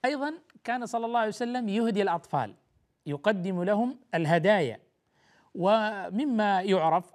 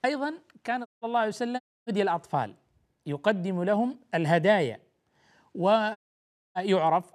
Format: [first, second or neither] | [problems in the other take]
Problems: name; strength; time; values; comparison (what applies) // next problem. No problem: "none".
first | audio cutting out; at 1 s, at 1.5 s and at 6 s for 0.5 s